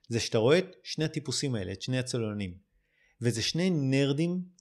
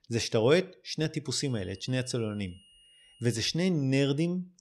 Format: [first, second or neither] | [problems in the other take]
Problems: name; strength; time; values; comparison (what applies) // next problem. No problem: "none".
first | high-pitched whine; faint; from 1.5 to 3.5 s; 3 kHz, 30 dB below the speech